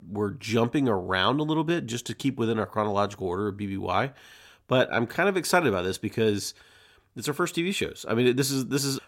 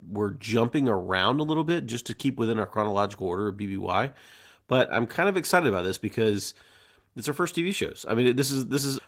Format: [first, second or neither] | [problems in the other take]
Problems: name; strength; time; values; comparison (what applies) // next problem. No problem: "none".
first | garbled, watery; slightly; nothing above 16 kHz